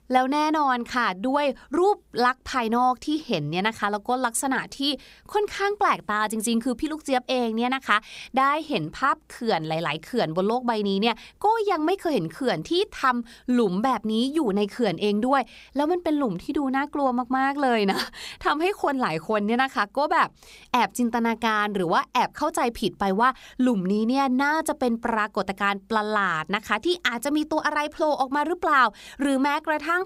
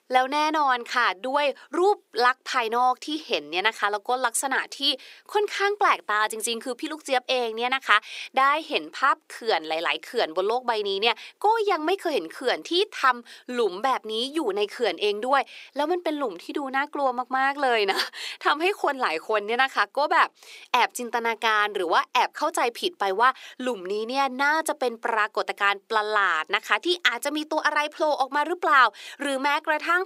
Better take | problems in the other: first | thin; somewhat; fading below 350 Hz

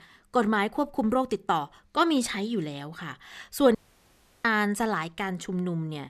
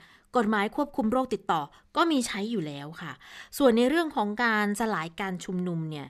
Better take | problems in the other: second | audio cutting out; at 4 s for 0.5 s

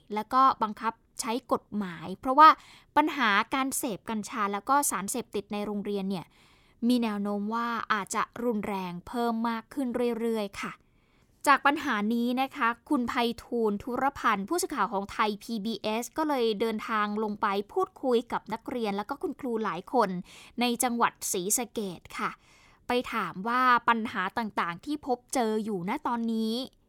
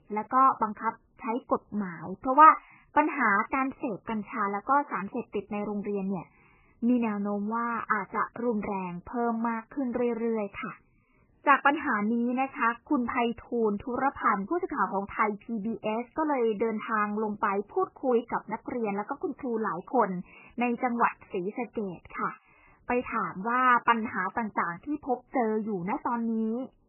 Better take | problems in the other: first | garbled, watery; badly; nothing above 3 kHz

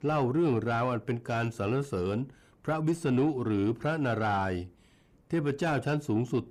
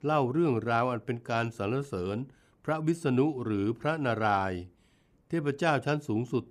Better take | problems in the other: second | distortion; slight; 10 dB below the speech

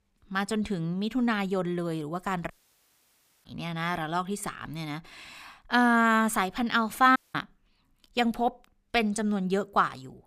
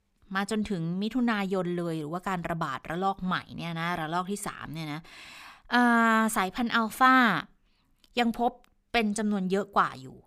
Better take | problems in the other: second | audio cutting out; at 2.5 s for 1 s and at 7 s

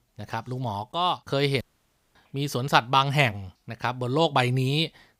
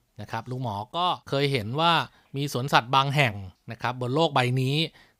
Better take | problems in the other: second | audio cutting out; at 1.5 s for 0.5 s

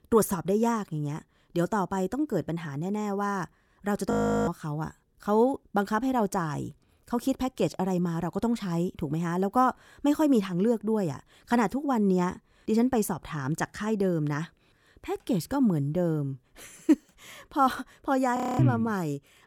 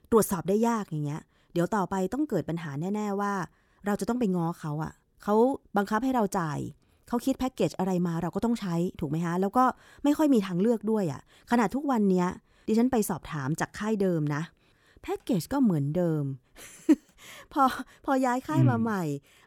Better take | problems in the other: second | audio freezing; at 4 s and at 18 s

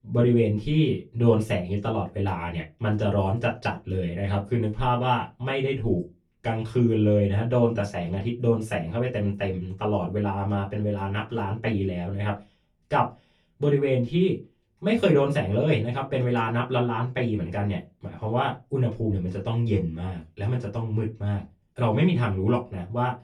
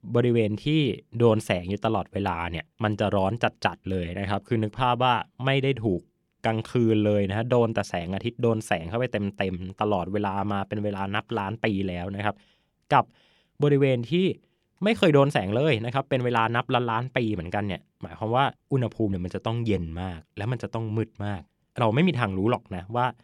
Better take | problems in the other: second | off-mic speech; far // room echo; very slight; dies away in 0.2 s

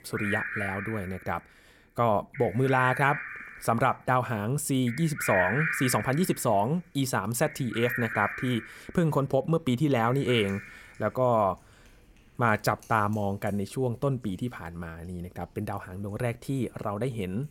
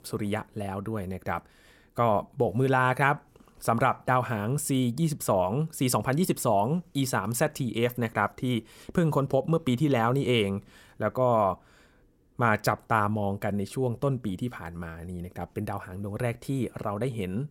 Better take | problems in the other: second | animal sounds; loud; throughout; 6 dB below the speech

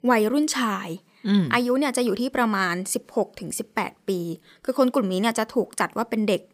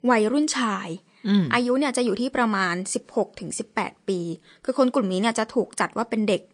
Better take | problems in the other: first | garbled, watery; slightly

